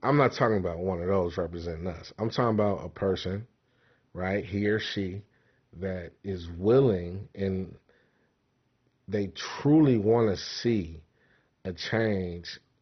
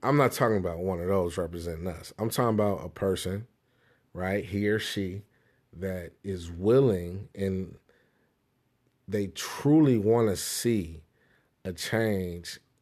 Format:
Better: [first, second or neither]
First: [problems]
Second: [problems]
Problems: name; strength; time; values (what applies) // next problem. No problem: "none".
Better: second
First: garbled, watery; badly; nothing above 6 kHz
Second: none